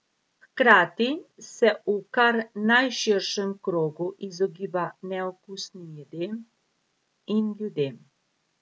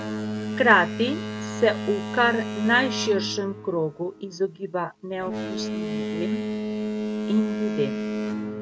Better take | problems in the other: first | background sound (Boat, Water vehicle); 4 dB below the speech

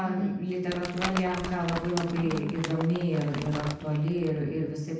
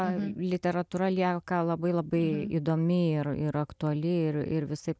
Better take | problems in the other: second | background sound (Crumpling, crinkling); 10 dB below the speech // room echo; dies away in 0.9 s

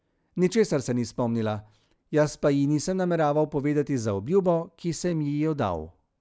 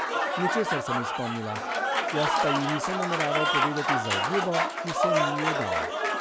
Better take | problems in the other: first | background sound (Applause / Crowd); 5 dB above the speech

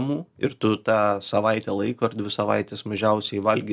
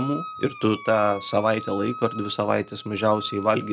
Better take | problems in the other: first | background sound (Wind instrument, woodwind instrument); 13 dB below the speech

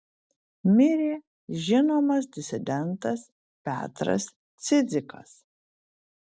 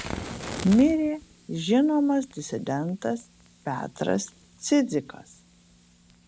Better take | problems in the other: first | background sound (Fire); 16 dB below the speech

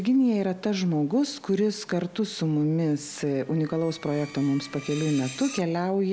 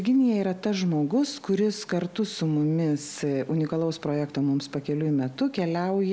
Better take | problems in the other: second | background sound (Screech); 19 dB below the speech

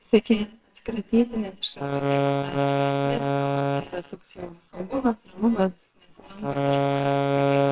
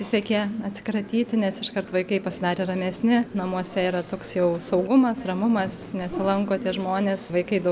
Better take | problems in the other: second | noise reduction (neural separator model SepFormer WHAMR!)

